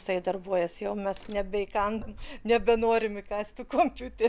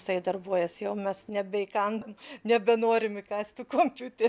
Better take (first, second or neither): second